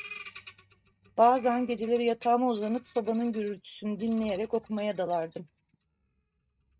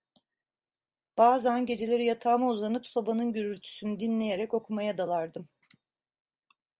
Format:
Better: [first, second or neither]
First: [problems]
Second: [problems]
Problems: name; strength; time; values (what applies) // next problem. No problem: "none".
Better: second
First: noise reduction (neural mask model RNNoise)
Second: none